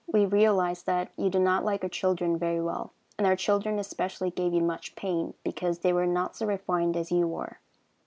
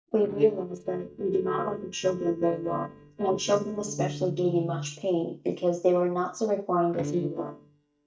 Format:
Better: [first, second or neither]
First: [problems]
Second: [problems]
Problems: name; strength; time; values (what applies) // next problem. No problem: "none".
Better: first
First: none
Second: noise reduction (neural mask model DeepFilterNet 3)